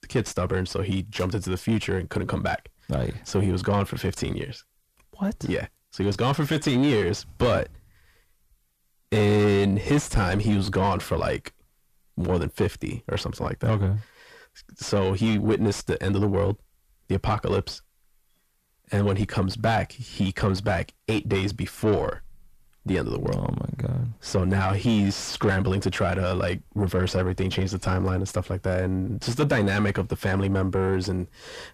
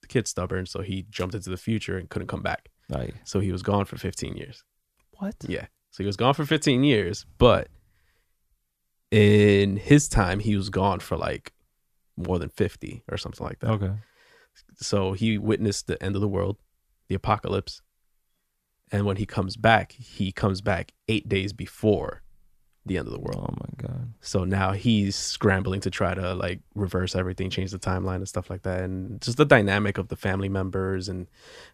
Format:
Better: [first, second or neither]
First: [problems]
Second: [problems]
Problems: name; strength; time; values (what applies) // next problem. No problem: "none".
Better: second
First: distortion; heavy; 5 dB below the speech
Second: none